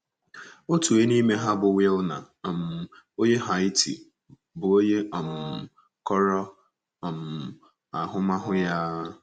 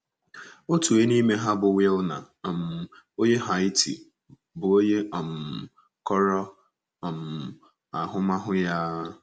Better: second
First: background sound (Brass instrument); 15 dB below the speech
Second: none

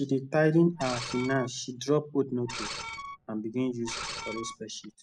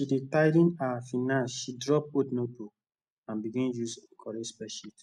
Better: second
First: background sound (Screech); 10 dB below the speech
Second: none

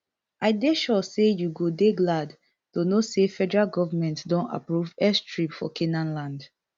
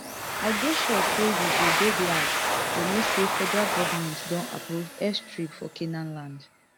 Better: first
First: none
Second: background sound (Domestic sounds, home sounds); 2 dB above the speech

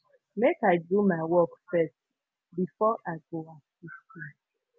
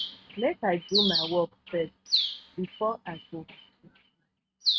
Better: first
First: none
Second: noise reduction (neural mask model RNNoise)

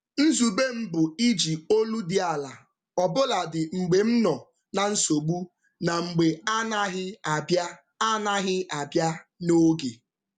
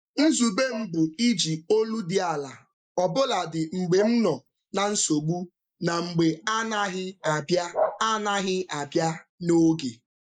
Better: first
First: none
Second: noise reduction (neural mask model Resemble Enhance denoiser)

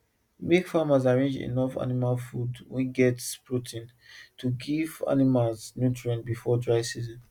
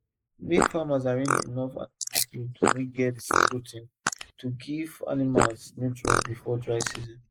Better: first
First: none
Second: noise reduction (neural mask model Resemble Enhance denoiser)

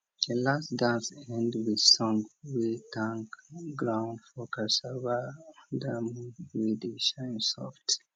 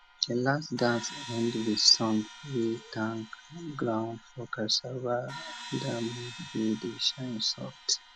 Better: first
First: none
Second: background sound (Crash cymbal); 15 dB below the speech

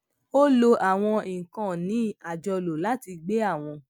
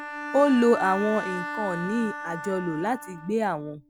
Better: first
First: none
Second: background sound (Bowed string instrument); 10 dB below the speech

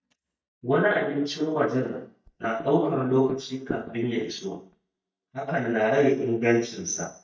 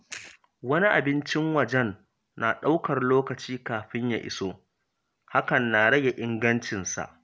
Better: second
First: noise reduction (neural mask model DeepFilterNet 3)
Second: none

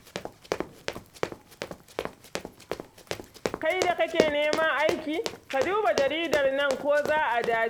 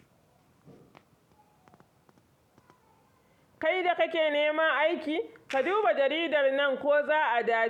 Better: second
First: background sound (Run); 6 dB below the speech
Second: none

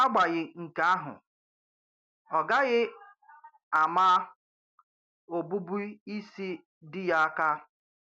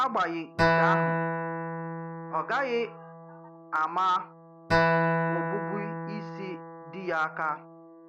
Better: first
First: none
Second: background sound (Acoustic guitar); 2 dB above the speech

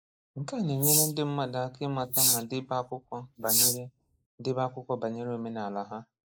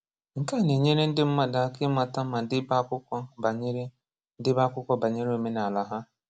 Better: second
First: noise reduction (neural mask model Resemble Enhance denoiser)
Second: none

